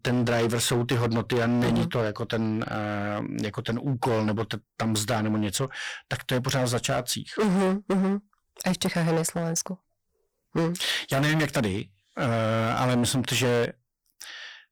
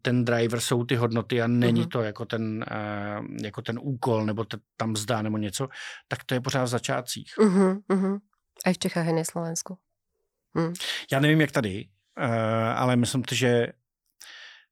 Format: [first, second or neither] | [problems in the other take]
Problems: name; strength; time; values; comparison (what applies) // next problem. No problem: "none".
second | distortion; heavy; 16% of the sound clipped